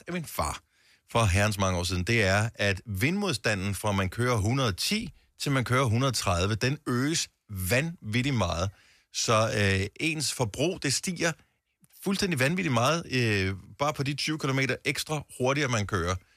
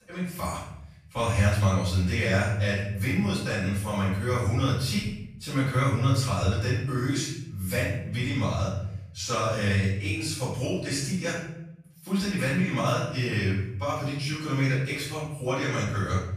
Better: first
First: none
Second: off-mic speech; far // room echo; noticeable; dies away in 0.9 s

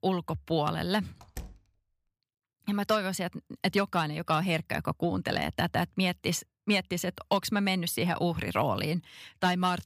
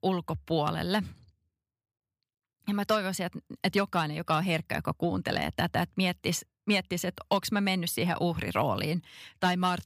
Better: second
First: door banging; faint; at 1 s; peak 15 dB below the speech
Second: none

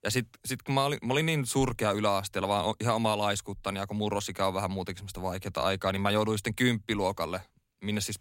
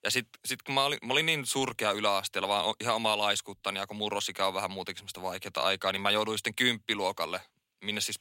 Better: first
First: none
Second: thin; very slightly; fading below 950 Hz

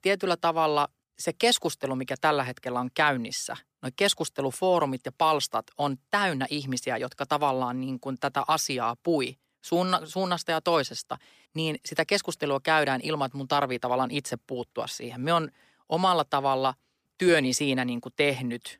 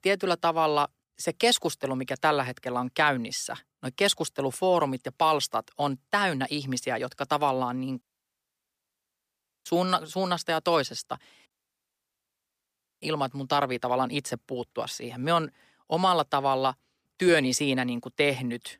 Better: first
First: none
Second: audio cutting out; at 8 s for 1.5 s and at 12 s for 1.5 s

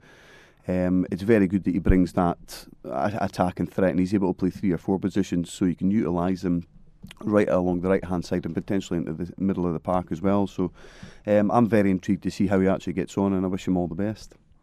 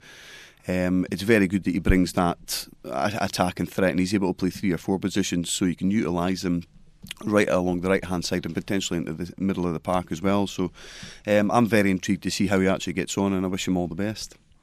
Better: second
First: muffled; slightly; fading above 1.5 kHz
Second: none

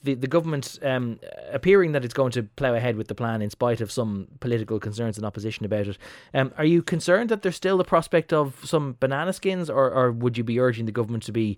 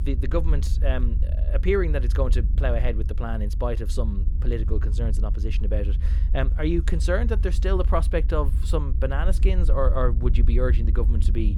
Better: first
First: none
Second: low rumble; noticeable; throughout; 15 dB below the speech

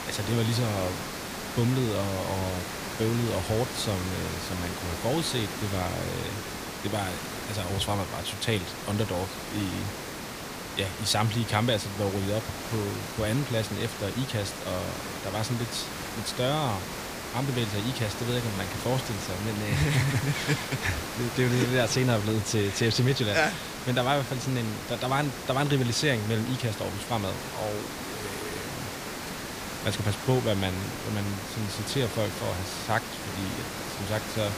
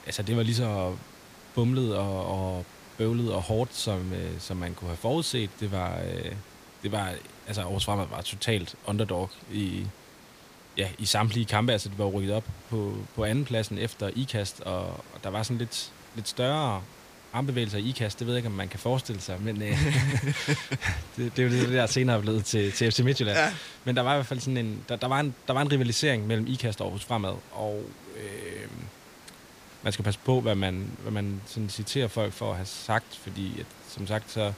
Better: second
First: hiss; loud; throughout; 6 dB below the speech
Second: hiss; faint; throughout; 20 dB below the speech

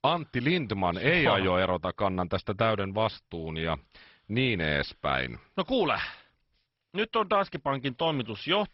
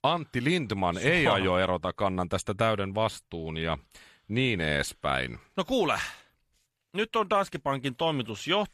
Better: second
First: garbled, watery; badly; nothing above 5.5 kHz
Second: none

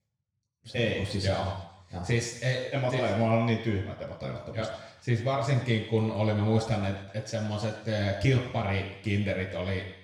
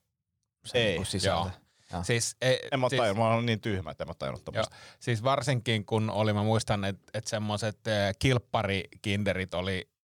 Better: second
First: room echo; noticeable; dies away in 0.9 s // off-mic speech; far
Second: none

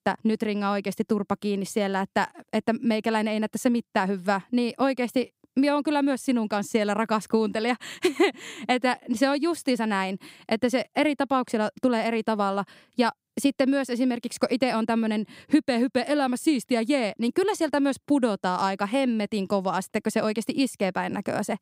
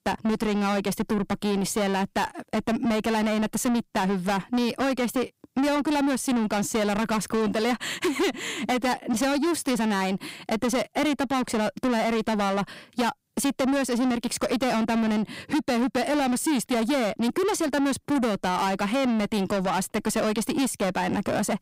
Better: first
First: none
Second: distortion; heavy; 6 dB below the speech

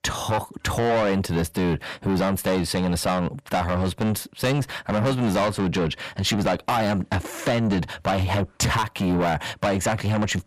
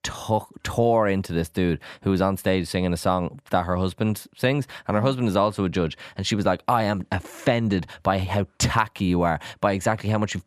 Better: second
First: distortion; heavy; 5 dB below the speech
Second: none

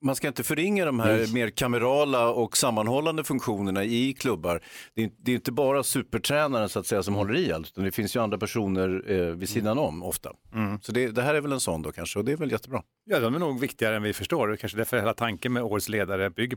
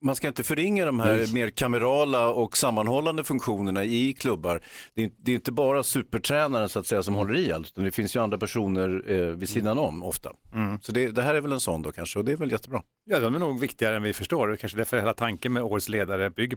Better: first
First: none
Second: garbled, watery; slightly; nothing above 17 kHz

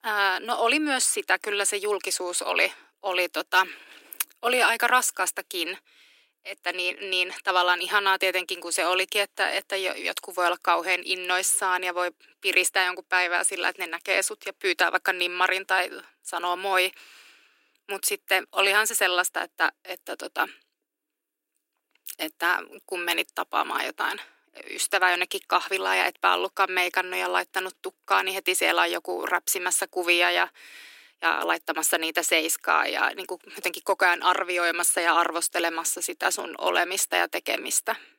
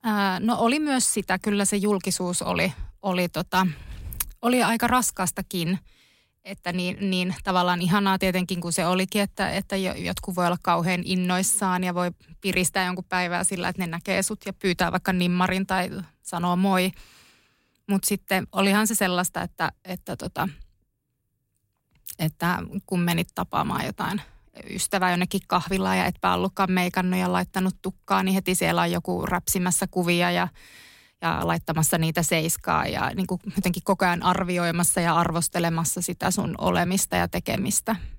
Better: second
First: thin; very; fading below 300 Hz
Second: none

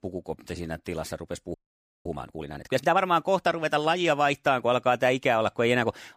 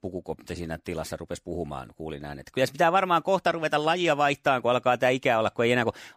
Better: second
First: audio freezing; at 1.5 s for 0.5 s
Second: none

